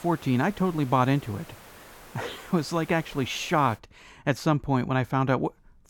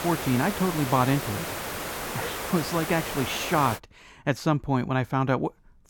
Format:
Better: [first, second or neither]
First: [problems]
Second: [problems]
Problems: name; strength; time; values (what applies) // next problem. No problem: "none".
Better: first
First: hiss; faint; until 4 s; 20 dB below the speech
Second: hiss; loud; until 4 s; 5 dB below the speech